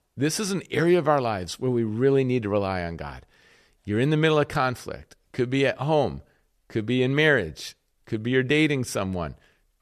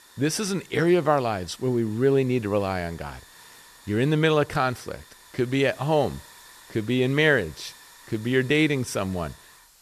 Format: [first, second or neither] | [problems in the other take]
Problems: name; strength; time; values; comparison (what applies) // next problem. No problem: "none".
first | hiss; faint; throughout; 25 dB below the speech